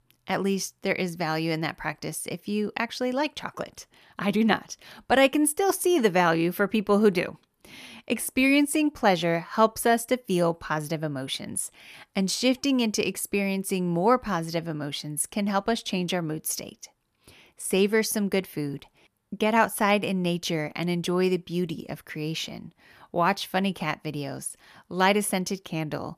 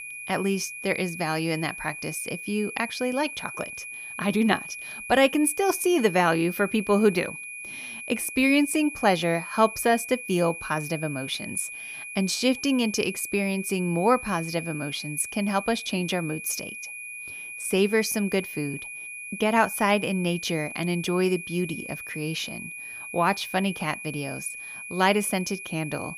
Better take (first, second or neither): first